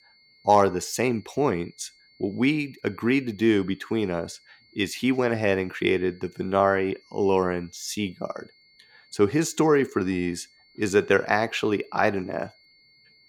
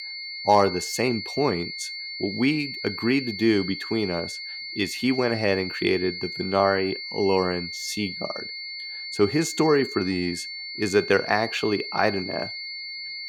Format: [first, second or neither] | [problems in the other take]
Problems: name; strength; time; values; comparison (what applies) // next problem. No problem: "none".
first | high-pitched whine; loud; throughout; 4.5 kHz, 7 dB below the speech; faint in the first